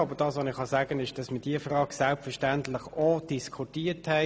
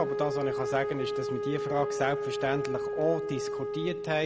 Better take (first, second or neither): first